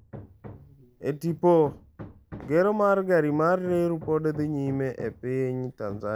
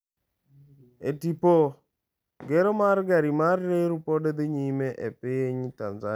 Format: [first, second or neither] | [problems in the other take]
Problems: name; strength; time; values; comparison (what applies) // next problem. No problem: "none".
second | background sound (Hammer); 20 dB below the speech